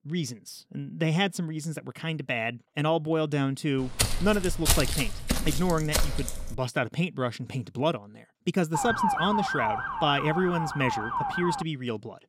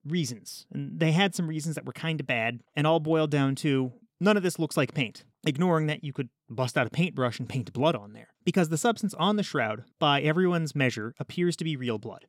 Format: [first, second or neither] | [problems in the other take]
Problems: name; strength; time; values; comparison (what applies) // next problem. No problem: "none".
second | footsteps; loud; from 4 to 6.5 s; peak 5 dB above the speech // siren; loud; from 8.5 to 12 s; peak 3 dB above the speech